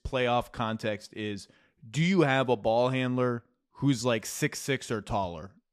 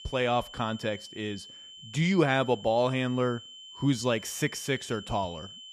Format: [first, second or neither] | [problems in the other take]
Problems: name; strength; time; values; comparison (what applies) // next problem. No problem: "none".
first | high-pitched whine; noticeable; throughout; 3 kHz, 15 dB below the speech